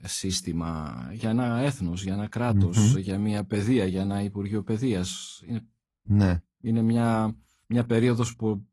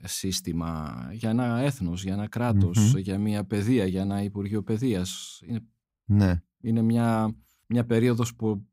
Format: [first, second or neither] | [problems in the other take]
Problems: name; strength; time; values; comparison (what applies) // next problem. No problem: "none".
second | garbled, watery; slightly; nothing above 11.5 kHz